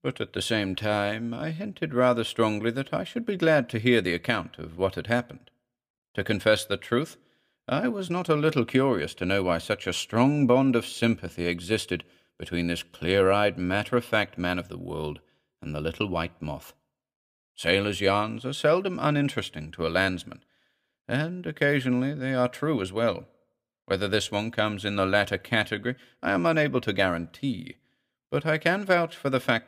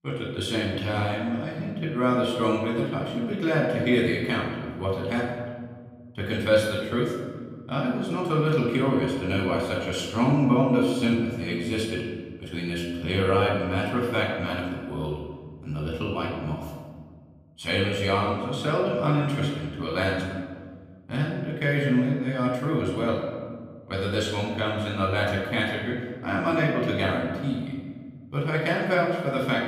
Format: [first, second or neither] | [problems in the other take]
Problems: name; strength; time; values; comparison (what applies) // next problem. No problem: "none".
first | off-mic speech; far // room echo; noticeable; dies away in 1.5 s